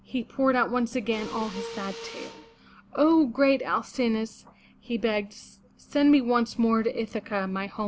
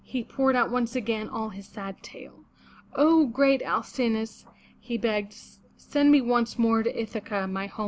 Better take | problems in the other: second | background sound (Mechanisms); 15 dB below the speech

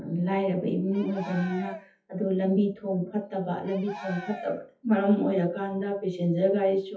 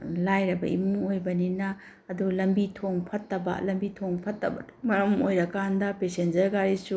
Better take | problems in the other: second | noise reduction (classical method WPE with log-MMSE)

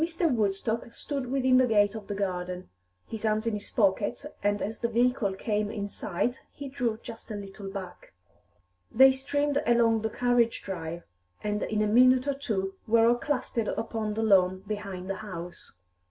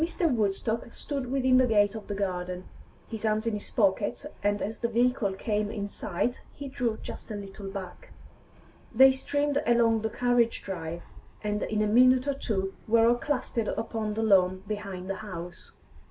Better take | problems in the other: first | background sound (Fixed-wing aircraft, airplane); 16 dB below the speech

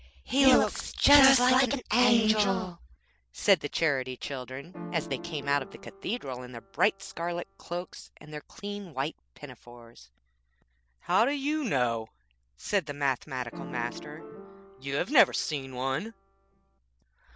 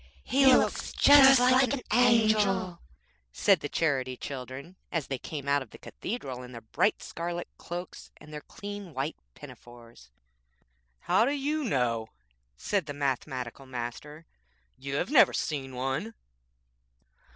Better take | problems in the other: second | background sound (Piano); 15 dB below the speech

